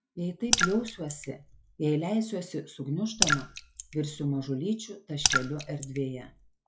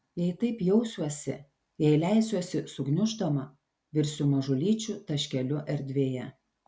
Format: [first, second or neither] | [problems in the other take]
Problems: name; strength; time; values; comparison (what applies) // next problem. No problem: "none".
second | noise reduction (classical method log-MMSE)